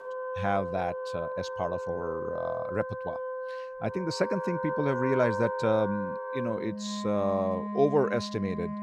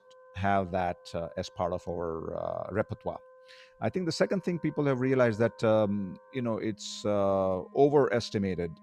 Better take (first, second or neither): second